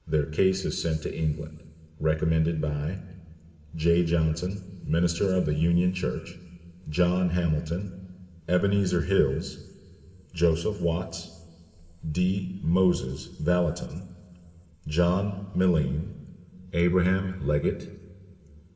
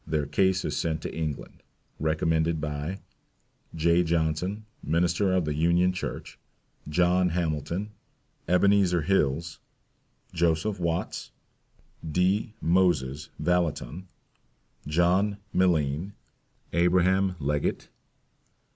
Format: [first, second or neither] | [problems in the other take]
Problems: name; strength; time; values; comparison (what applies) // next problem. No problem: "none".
second | room echo; dies away in 3 s